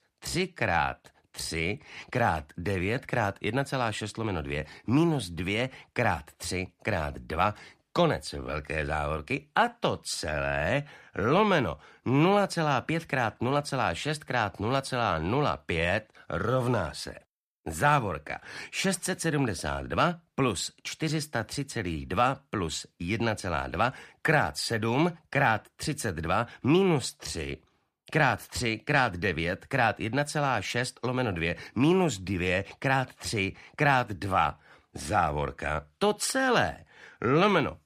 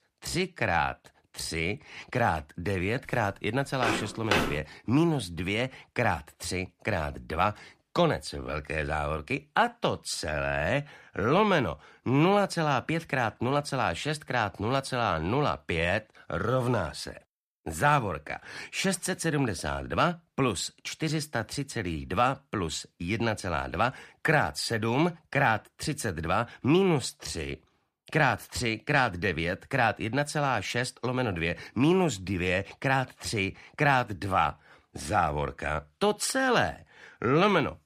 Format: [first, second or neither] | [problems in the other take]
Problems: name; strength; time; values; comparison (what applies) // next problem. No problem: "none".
first | footsteps; loud; at 4 s; peak 1 dB above the speech